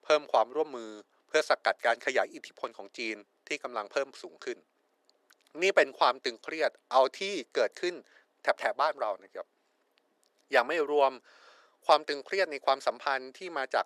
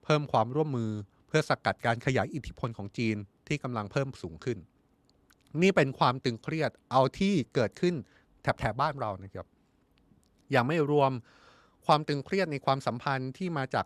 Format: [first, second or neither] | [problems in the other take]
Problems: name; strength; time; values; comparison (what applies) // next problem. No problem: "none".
second | thin; very; fading below 400 Hz